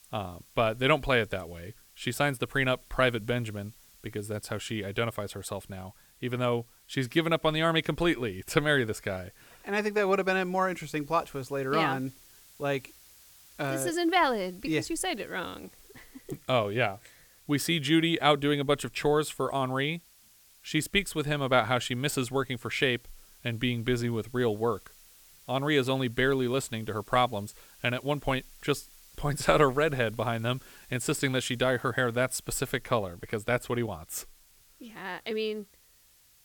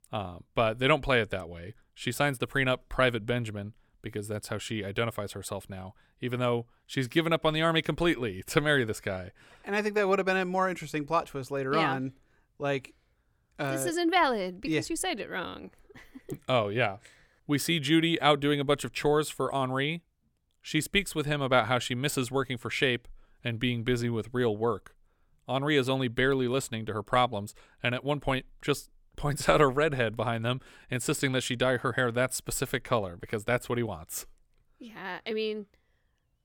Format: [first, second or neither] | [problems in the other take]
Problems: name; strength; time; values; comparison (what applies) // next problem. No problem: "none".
second | hiss; faint; throughout; 25 dB below the speech